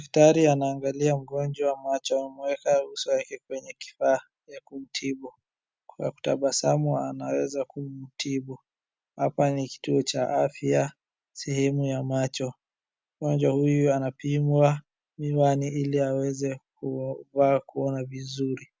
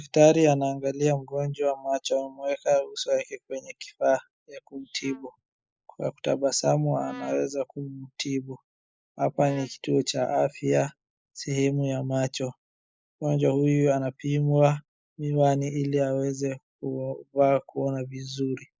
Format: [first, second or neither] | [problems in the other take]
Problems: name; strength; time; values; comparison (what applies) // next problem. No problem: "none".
first | noise reduction (neural mask model Resemble Enhance denoiser)